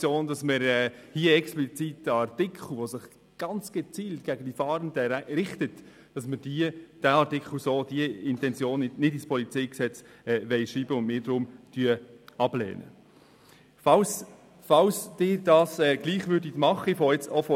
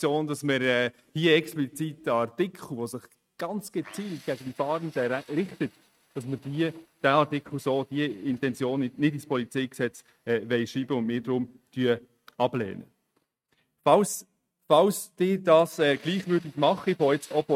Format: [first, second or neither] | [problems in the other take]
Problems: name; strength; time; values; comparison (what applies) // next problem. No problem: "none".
first | noise reduction (neural mask model RNNoise)